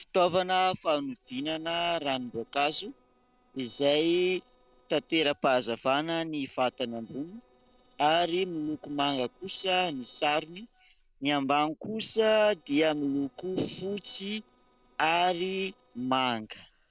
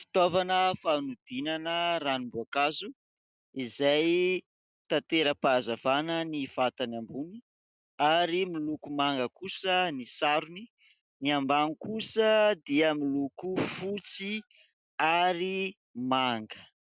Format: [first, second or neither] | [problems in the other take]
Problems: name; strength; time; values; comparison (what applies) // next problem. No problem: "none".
second | noise reduction (neural separator model SepFormer DNS4)